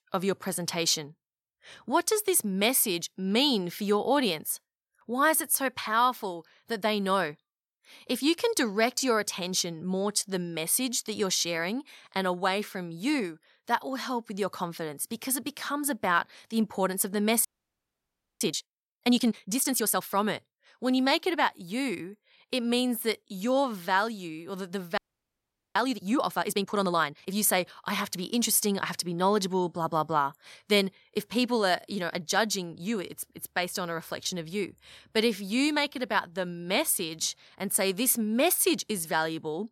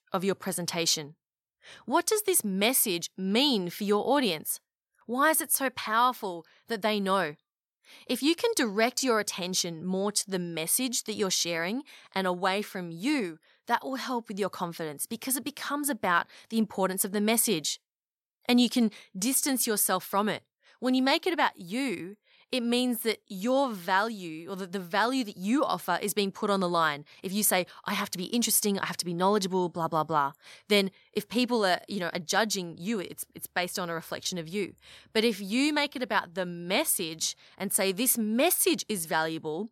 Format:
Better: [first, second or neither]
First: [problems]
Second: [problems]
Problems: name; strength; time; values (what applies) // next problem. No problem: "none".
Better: second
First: audio freezing; at 17 s for 1 s and at 25 s for 1 s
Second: none